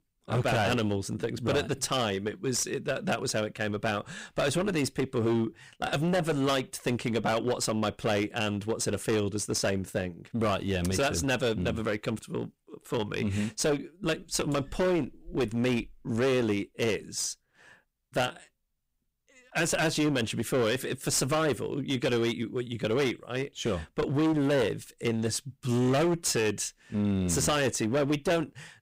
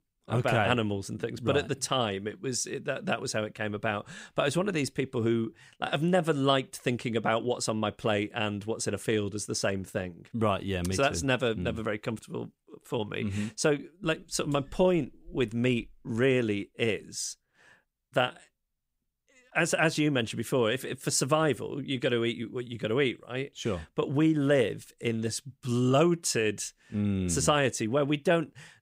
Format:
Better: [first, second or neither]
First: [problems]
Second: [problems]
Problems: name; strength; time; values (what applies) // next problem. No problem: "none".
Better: second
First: distortion; heavy; 13% of the sound clipped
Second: none